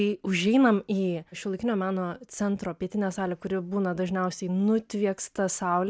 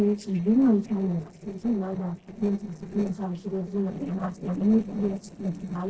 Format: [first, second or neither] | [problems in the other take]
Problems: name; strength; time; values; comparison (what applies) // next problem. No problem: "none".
first | noise reduction (neural separator model SepFormer DNS4)